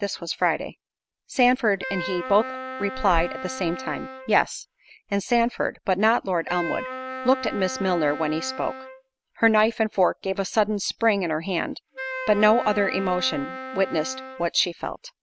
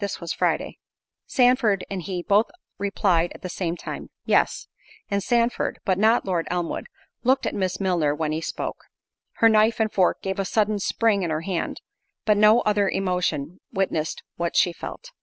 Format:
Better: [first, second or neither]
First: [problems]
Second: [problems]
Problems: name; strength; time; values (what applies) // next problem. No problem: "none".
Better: second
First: background sound (Wind instrument, woodwind instrument); 10 dB below the speech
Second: none